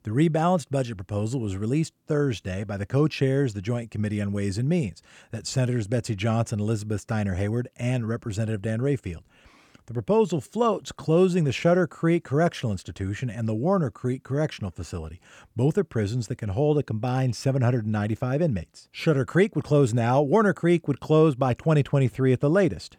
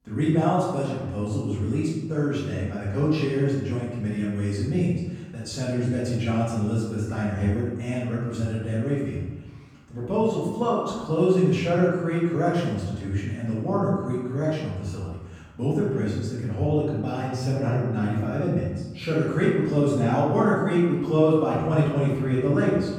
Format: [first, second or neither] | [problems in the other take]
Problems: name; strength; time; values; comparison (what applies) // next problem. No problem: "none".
first | room echo; noticeable; dies away in 1.1 s // off-mic speech; far